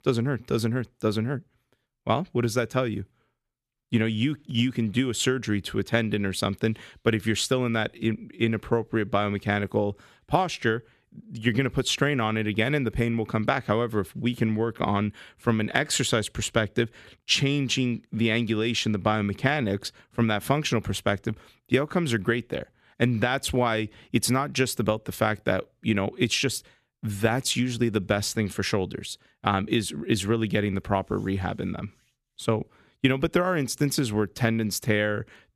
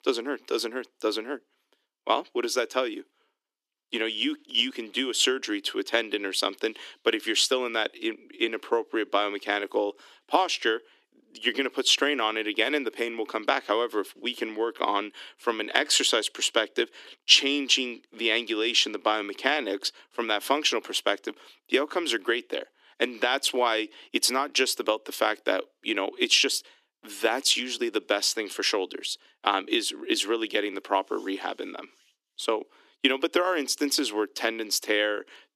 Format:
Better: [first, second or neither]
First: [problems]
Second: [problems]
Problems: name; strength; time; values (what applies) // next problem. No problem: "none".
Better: first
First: none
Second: thin; somewhat; fading below 300 Hz